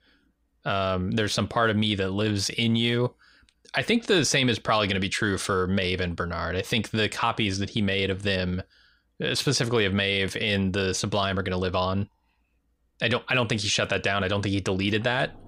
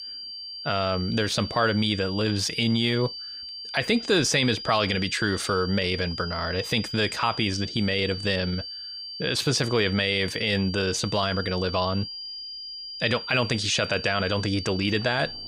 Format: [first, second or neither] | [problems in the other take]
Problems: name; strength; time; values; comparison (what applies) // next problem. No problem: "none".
first | high-pitched whine; loud; throughout; 4.5 kHz, 9 dB below the speech